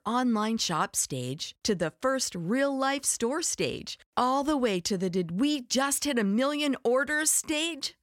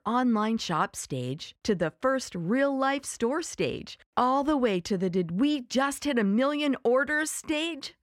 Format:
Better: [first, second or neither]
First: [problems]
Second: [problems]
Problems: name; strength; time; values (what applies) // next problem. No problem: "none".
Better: first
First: none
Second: muffled; slightly; fading above 4 kHz